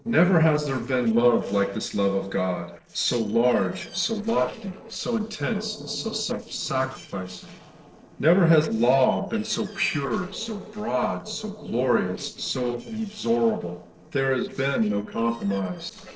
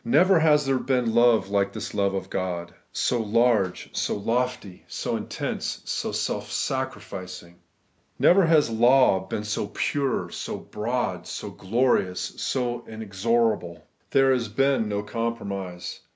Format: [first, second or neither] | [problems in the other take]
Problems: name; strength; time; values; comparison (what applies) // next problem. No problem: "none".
second | noise reduction (neural separator model SepFormer DNS4)